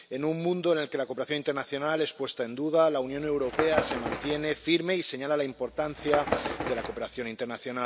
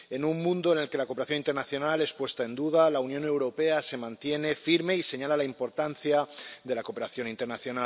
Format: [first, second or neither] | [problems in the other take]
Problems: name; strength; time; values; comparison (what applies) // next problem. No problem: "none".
second | background sound (Bird); 6 dB below the speech